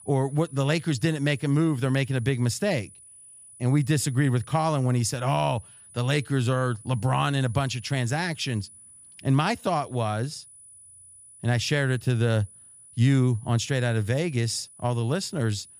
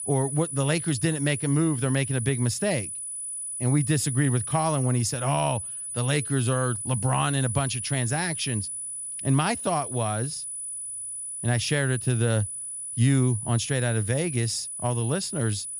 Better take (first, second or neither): first